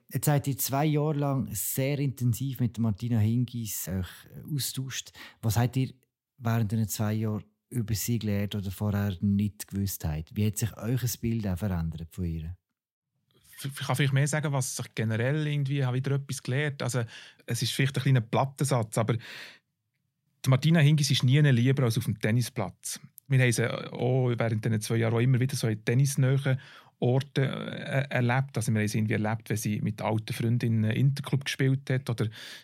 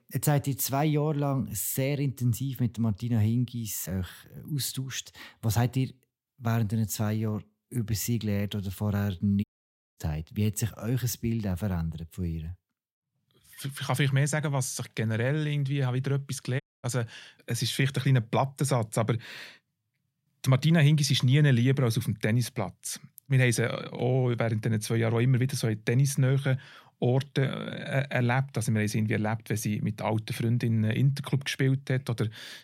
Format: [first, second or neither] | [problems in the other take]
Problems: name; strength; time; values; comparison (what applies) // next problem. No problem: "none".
first | audio cutting out; at 9.5 s for 0.5 s and at 17 s